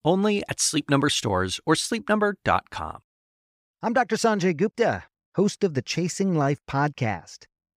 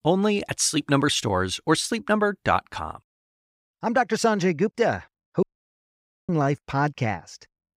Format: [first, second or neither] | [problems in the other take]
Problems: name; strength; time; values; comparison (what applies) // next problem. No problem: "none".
first | audio cutting out; at 5.5 s for 1 s